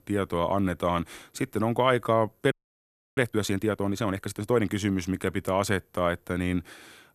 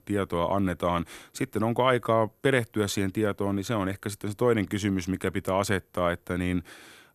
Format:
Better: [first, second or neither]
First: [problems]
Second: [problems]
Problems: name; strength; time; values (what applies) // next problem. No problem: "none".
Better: second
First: audio freezing; at 2.5 s for 0.5 s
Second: none